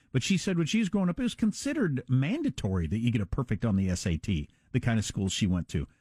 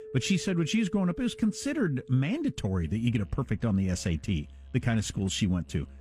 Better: first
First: none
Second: background music; noticeable; throughout; 20 dB below the speech

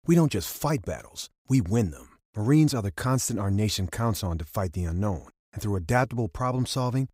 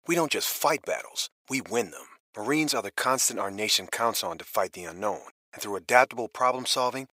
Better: first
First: none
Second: thin; very; fading below 600 Hz

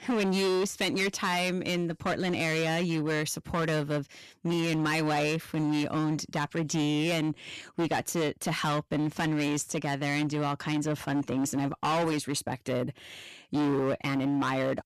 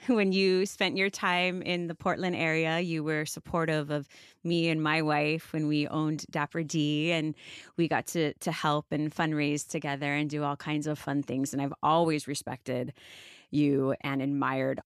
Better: second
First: distortion; heavy; 20% of the sound clipped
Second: none

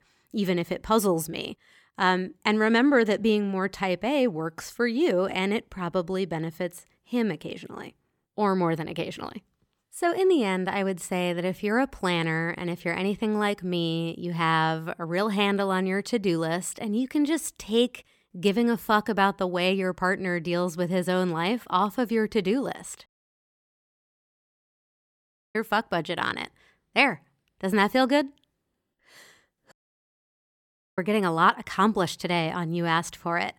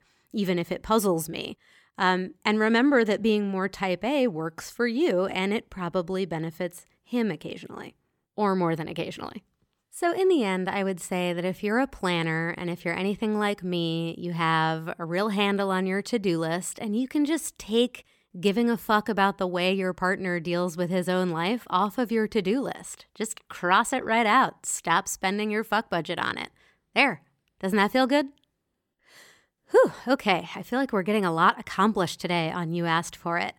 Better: second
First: audio cutting out; at 23 s for 2.5 s and at 30 s for 1.5 s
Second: none

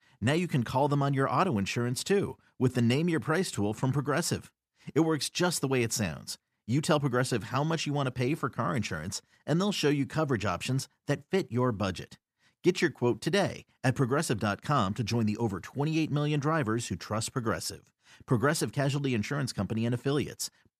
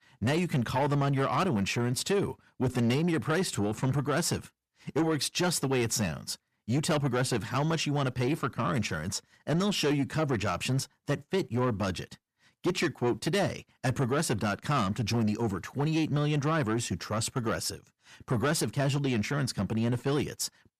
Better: first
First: none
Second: distortion; slight; 10 dB below the speech

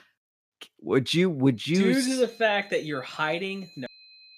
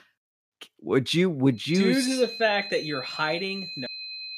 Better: first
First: high-pitched whine; faint; from 1.5 s on; 4 kHz, 25 dB below the speech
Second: high-pitched whine; loud; from 1.5 s on; 4 kHz, 10 dB below the speech

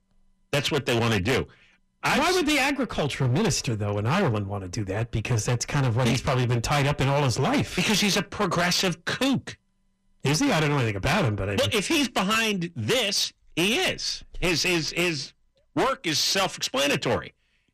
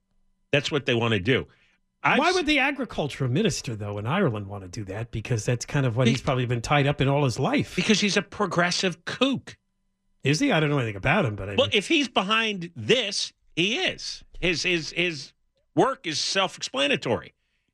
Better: second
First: distortion; heavy; 18% of the sound clipped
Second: none

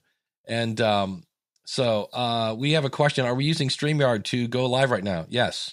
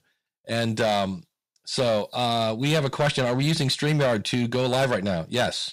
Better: first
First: none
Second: distortion; slight; 8% of the sound clipped

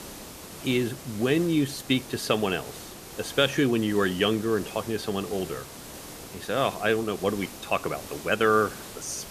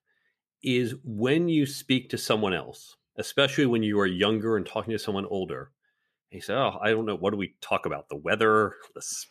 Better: second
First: hiss; noticeable; throughout; 15 dB below the speech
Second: none

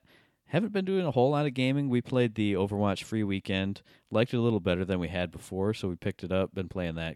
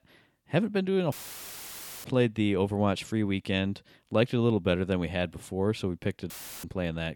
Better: first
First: none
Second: audio cutting out; filled with static; at 1 s for 1 s and at 6.5 s

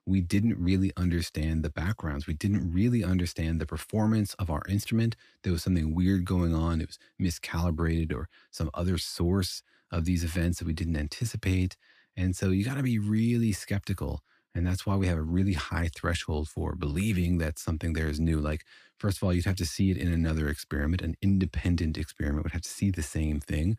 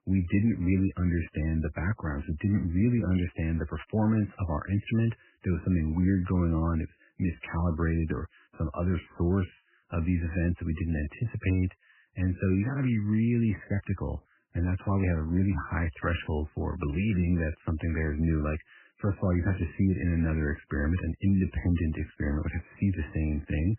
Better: first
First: none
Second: garbled, watery; badly; nothing above 3 kHz

